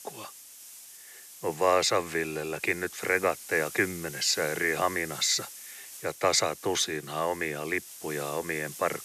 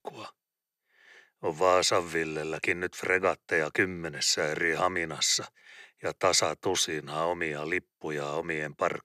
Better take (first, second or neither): second